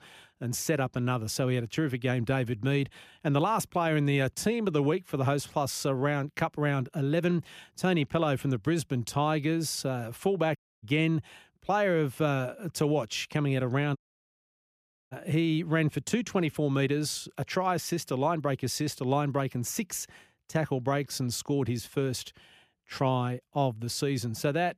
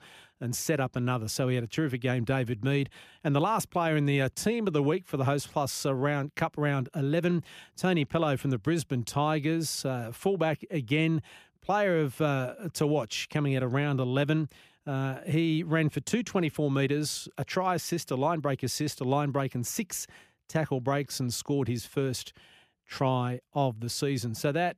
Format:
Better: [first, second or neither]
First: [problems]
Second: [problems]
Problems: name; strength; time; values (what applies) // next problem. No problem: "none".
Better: second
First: audio cutting out; at 11 s and at 14 s for 1 s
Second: none